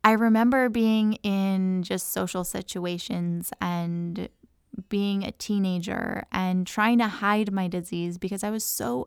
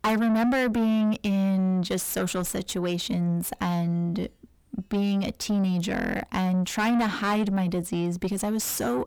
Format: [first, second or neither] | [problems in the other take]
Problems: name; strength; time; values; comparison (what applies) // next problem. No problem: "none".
first | distortion; heavy; 7 dB below the speech